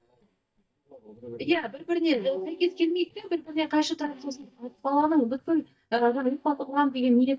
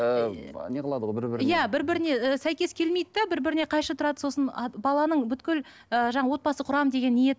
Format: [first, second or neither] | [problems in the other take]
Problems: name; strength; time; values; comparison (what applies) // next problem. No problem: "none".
second | noise reduction (neural mask model DeepFilterNet 3)